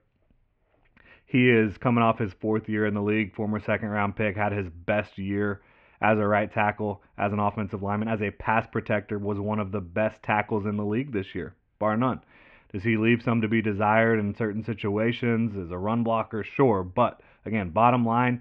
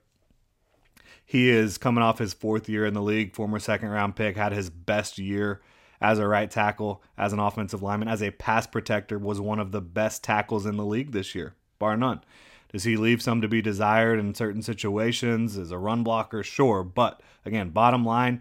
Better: second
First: muffled; very; fading above 2.5 kHz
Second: none

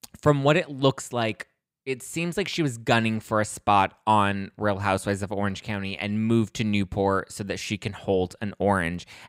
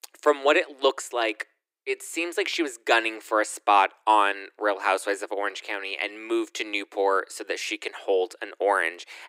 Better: first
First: none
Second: thin; very; fading below 300 Hz

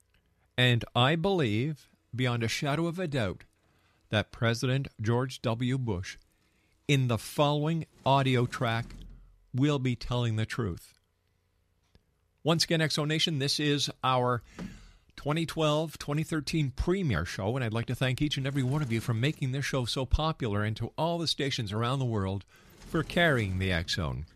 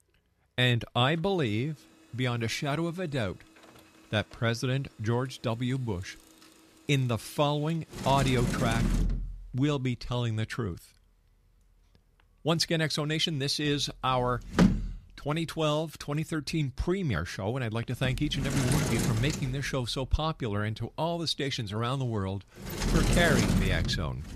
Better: first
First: household noises; faint; throughout; 20 dB below the speech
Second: household noises; loud; throughout; 1 dB below the speech

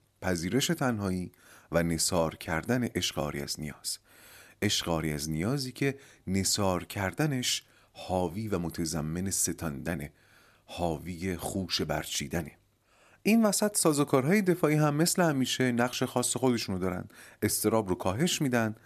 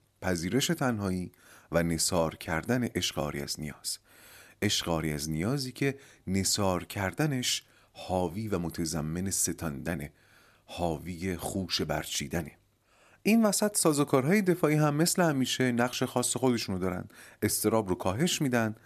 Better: neither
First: none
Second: none

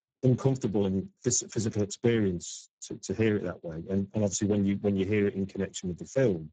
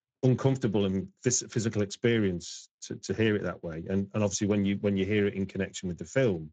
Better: second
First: garbled, watery; badly; nothing above 7.5 kHz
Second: garbled, watery; slightly

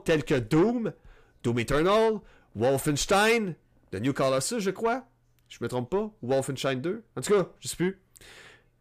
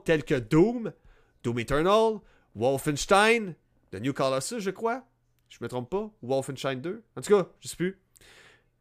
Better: second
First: distortion; slight; 10 dB below the speech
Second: none

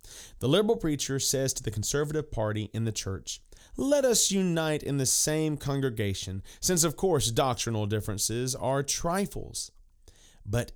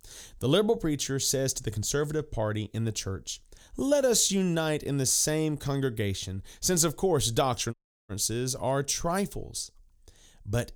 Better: first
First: none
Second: audio cutting out; at 7.5 s

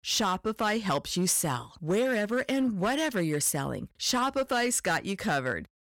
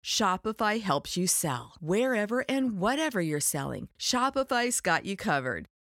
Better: second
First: distortion; slight; 7% of the sound clipped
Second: none

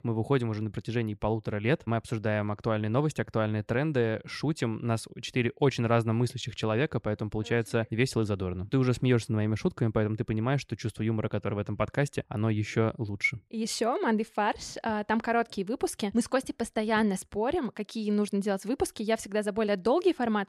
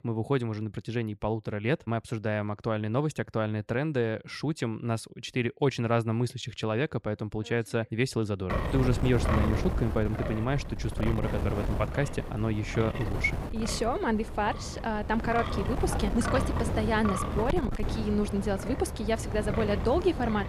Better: first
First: none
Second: wind noise on the microphone; heavy; from 8.5 s on; 5 dB below the speech

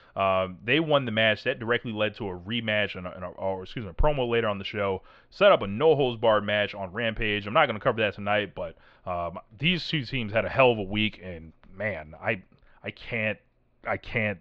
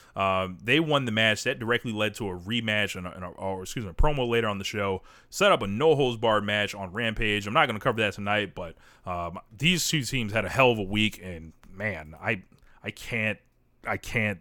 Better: second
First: muffled; slightly; fading above 4 kHz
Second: none

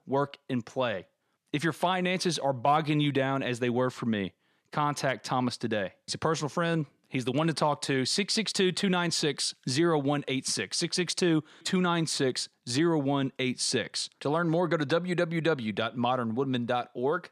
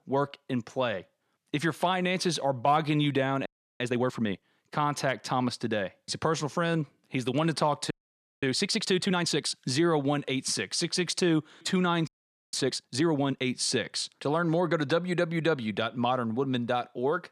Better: first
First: none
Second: audio freezing; at 3.5 s, at 8 s for 0.5 s and at 12 s

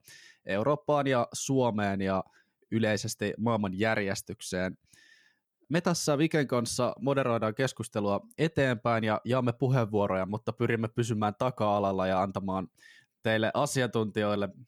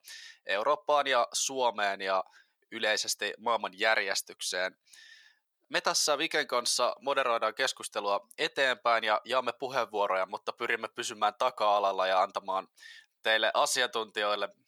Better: first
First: none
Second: thin; very; fading below 800 Hz

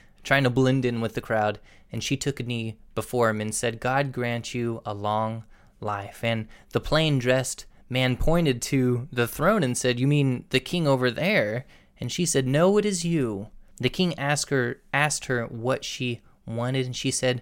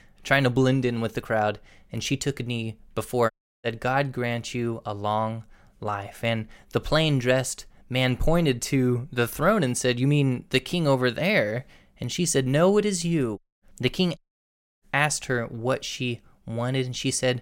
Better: first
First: none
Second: audio cutting out; at 3.5 s, at 13 s and at 14 s for 0.5 s

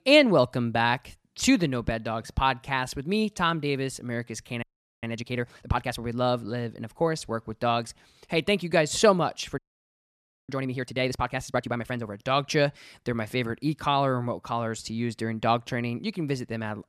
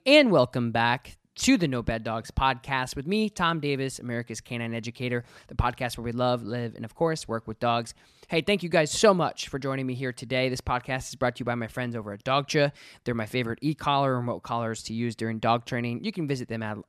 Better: second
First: audio freezing; at 4.5 s and at 9.5 s for 1 s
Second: none

